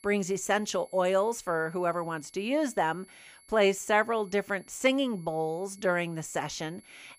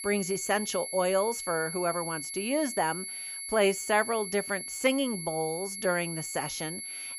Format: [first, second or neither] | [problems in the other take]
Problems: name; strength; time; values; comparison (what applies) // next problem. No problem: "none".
first | high-pitched whine; loud; throughout; 11 kHz, 6 dB below the speech; faint in the first